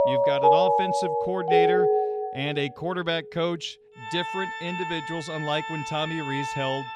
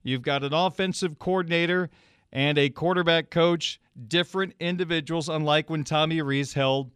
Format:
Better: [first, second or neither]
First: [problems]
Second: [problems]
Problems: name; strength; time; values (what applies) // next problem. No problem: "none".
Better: second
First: background music; very loud; throughout; 5 dB above the speech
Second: none